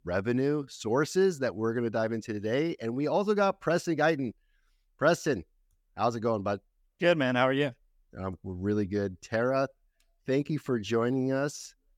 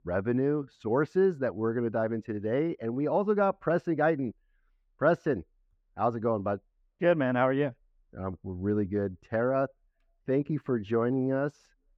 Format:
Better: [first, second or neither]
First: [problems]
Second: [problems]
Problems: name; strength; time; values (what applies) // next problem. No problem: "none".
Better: first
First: none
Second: muffled; very; fading above 3.5 kHz